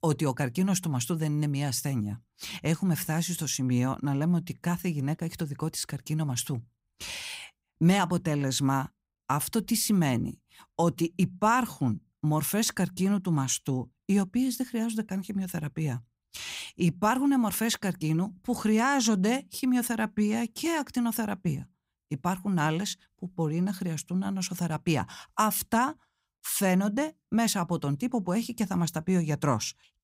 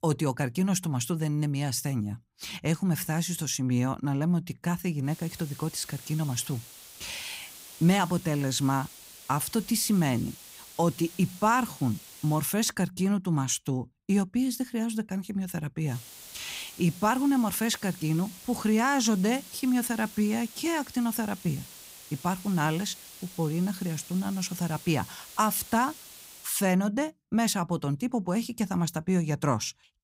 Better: first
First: none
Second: hiss; noticeable; from 5 to 12 s and from 16 to 26 s; 15 dB below the speech

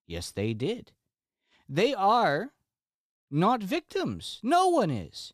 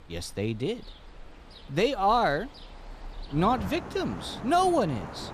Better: first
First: none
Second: rain or running water; noticeable; throughout; 15 dB below the speech

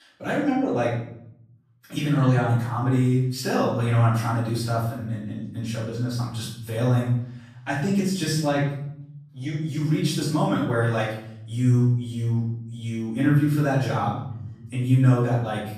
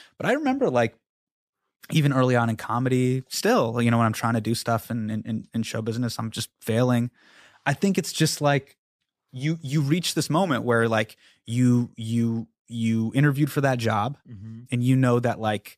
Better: second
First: off-mic speech; far // room echo; noticeable; dies away in 0.8 s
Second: none

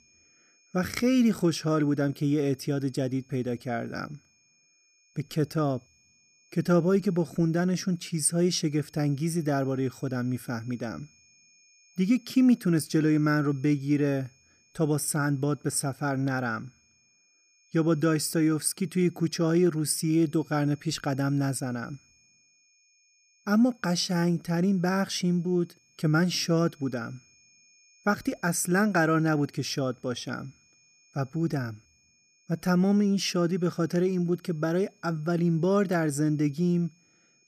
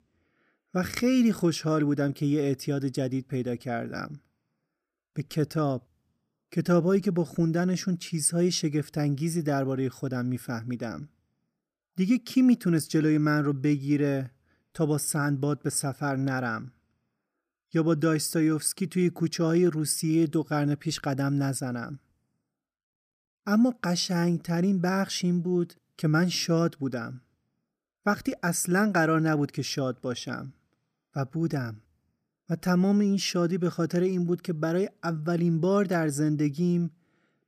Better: second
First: high-pitched whine; faint; throughout; 2.5 kHz, 35 dB below the speech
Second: none

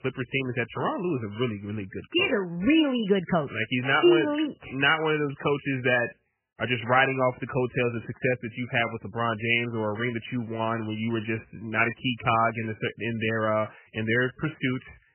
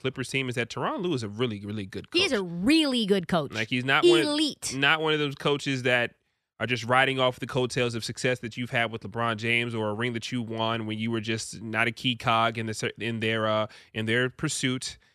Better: second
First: garbled, watery; badly; nothing above 3 kHz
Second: none

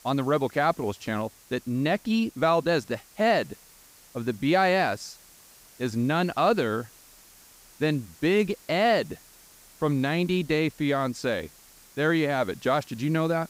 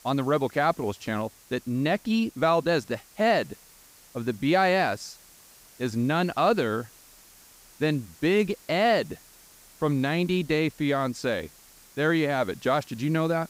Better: neither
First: hiss; faint; throughout; 25 dB below the speech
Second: hiss; faint; throughout; 25 dB below the speech

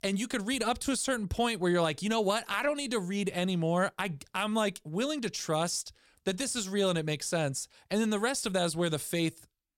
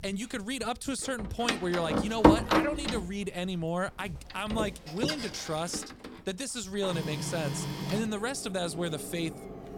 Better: first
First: none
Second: household noises; very loud; throughout; 2 dB above the speech

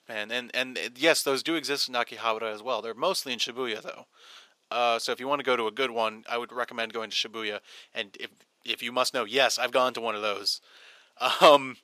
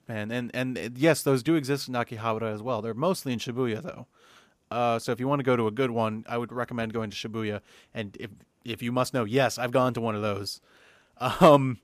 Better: second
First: thin; somewhat; fading below 450 Hz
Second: none

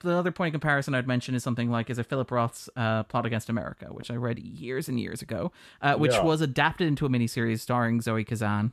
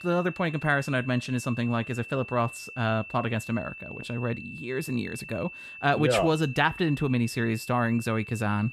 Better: first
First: none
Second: high-pitched whine; noticeable; throughout; 2.5 kHz, 15 dB below the speech

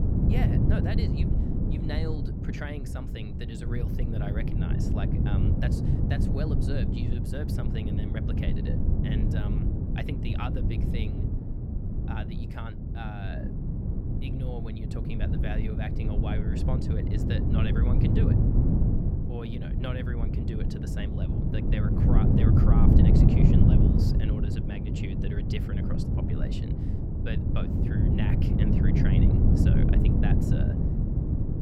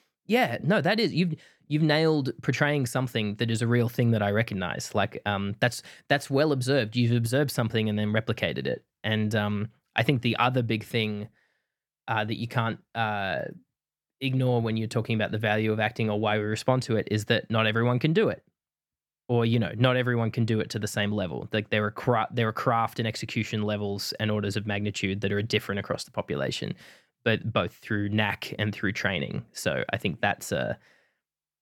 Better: second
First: wind noise on the microphone; heavy; 4 dB above the speech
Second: none

